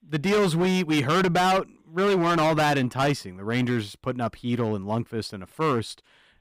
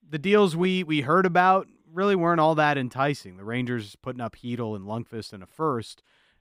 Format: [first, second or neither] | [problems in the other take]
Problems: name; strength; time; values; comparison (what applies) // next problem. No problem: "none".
second | distortion; heavy; 16% of the sound clipped